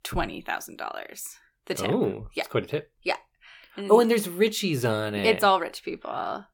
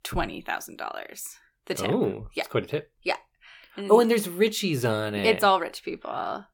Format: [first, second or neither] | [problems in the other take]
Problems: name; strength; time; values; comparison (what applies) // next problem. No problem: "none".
neither | none